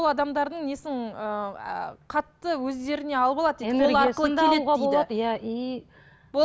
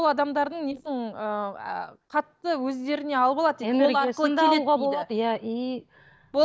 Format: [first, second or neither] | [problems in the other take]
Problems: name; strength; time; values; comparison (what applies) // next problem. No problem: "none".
first | noise reduction (neural mask model DeepFilterNet 3)